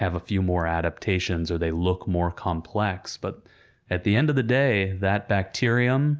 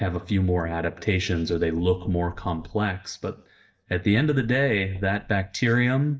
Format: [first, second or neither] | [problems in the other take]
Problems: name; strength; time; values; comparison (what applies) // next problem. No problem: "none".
first | noise reduction (neural mask model DeepFilterNet 3)